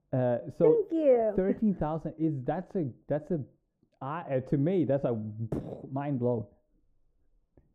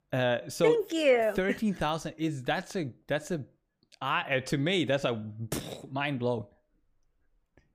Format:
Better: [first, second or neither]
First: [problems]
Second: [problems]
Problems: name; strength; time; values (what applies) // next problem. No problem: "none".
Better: second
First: muffled; very; fading above 1.5 kHz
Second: none